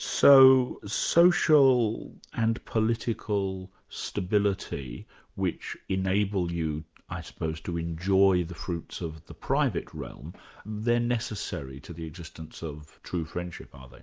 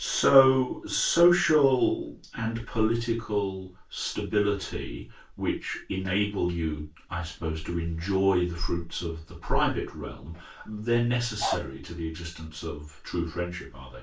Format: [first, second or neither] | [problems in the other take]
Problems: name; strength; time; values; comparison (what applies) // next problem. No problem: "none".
first | background sound (Bark); 6 dB below the speech // room echo; dies away in 0.2 s